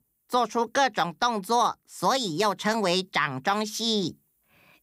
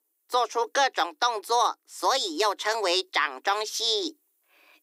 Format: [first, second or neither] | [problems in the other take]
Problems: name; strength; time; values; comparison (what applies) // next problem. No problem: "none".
first | thin; very; fading below 300 Hz